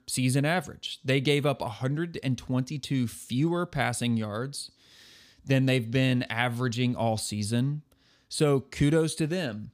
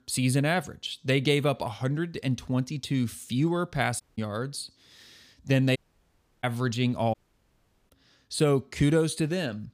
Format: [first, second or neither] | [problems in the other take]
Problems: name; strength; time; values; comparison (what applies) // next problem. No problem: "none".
first | audio cutting out; at 4 s, at 6 s for 0.5 s and at 7 s for 1 s